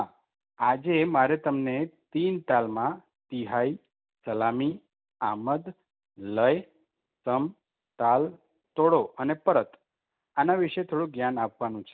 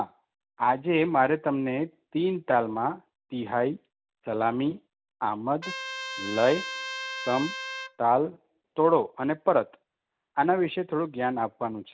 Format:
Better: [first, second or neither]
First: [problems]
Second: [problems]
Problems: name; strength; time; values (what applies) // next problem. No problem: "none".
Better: first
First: none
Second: background sound (Trumpet); 8 dB below the speech